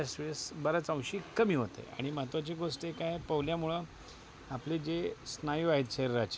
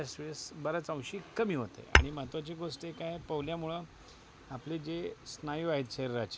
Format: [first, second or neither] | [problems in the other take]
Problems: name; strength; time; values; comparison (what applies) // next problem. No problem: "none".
first | background sound (Tap / Hammer / Glass); 3 dB above the speech